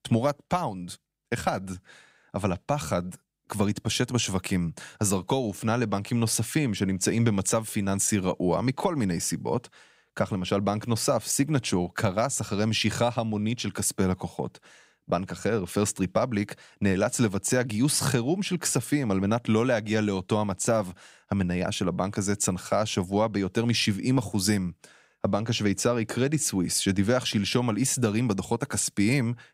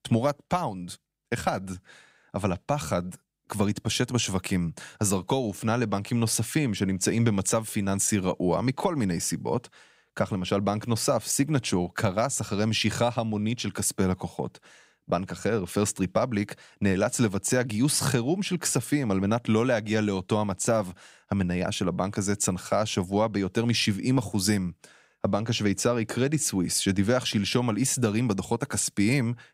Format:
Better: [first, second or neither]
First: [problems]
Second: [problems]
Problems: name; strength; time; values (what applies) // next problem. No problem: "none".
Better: neither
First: none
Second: none